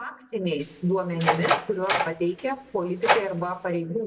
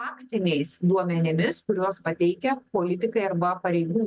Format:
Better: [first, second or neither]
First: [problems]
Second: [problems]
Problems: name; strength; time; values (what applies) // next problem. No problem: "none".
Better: second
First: background sound (Door); 1 dB below the speech // room echo; dies away in 0.8 s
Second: none